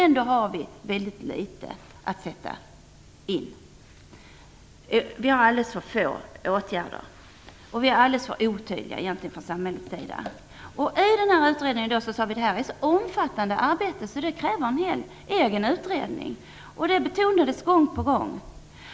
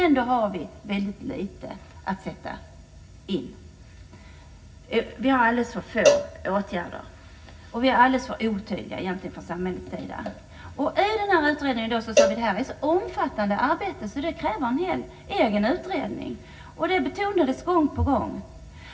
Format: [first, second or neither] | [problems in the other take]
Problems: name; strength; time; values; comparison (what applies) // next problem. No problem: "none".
first | background sound (Cowbell); 1 dB below the speech // room echo; dies away in 0.4 s